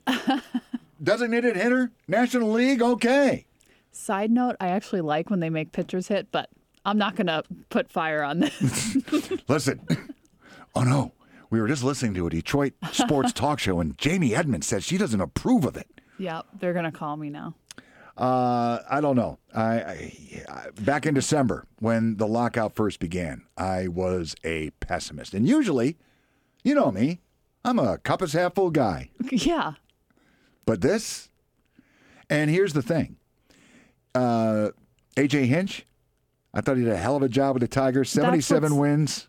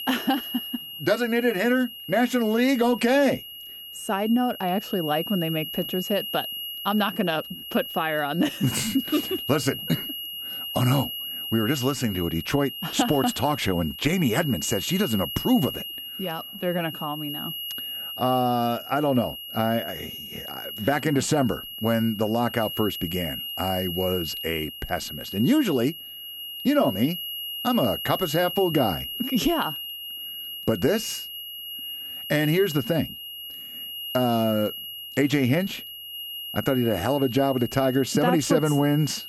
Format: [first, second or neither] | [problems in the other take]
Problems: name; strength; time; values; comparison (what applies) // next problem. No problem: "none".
first | high-pitched whine; loud; throughout; 3 kHz, 8 dB below the speech